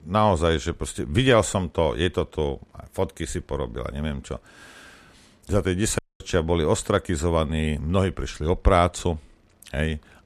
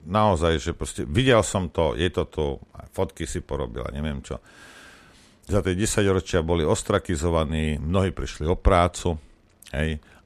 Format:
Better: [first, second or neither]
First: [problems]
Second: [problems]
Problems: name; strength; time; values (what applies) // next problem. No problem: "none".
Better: second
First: audio cutting out; at 6 s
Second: none